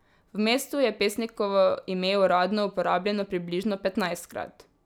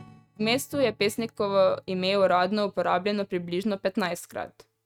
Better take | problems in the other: first | noise reduction (neural mask model RNNoise)

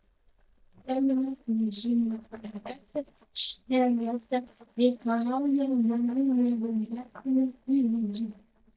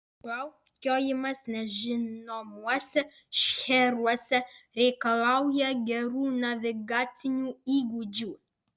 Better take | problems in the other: second | noise reduction (neural mask model DeepFilterNet 3)

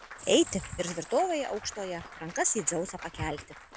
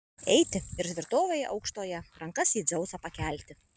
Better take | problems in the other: second | background sound (Applause / Cheering / Clapping); 17 dB below the speech

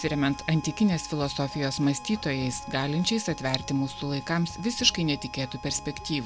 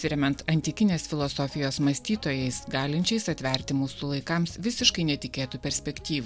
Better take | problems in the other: second | background sound (Harmonica); 15 dB below the speech

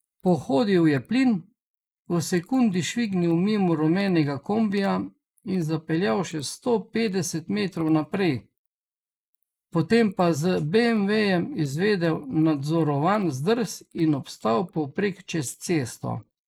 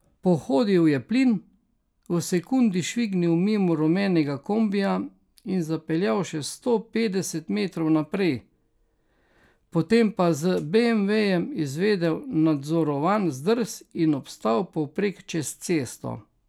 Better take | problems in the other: second | noise reduction (neural mask model Resemble Enhance denoiser)

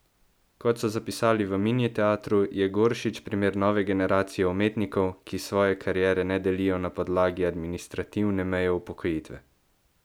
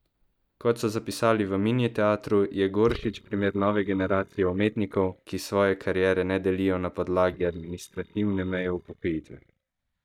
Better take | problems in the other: first | noise reduction (neural mask model DeepFilterNet 3)

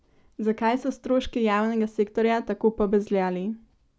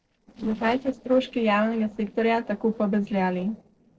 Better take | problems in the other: first | noise reduction (neural separator model SepFormer DNS4)

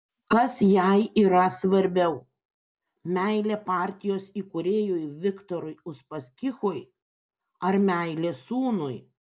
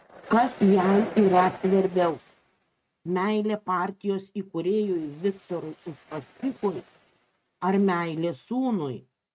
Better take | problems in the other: first | noise reduction (neural mask model RNNoise)

